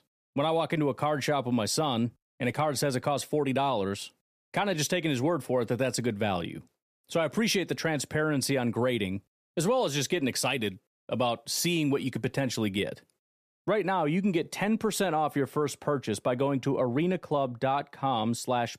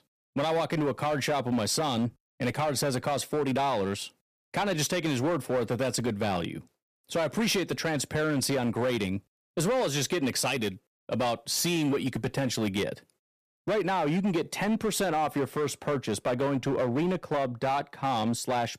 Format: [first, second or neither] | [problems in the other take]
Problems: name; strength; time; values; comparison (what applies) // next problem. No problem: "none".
first | distortion; slight; 13% of the sound clipped